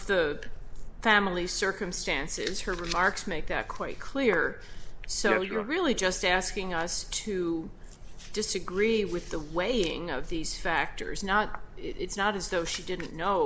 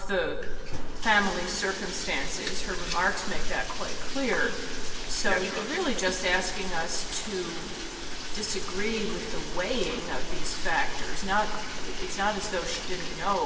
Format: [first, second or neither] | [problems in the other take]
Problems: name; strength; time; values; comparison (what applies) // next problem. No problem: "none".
first | background sound (Bathtub (filling or washing)); 11 dB below the speech // room echo; dies away in 1.9 s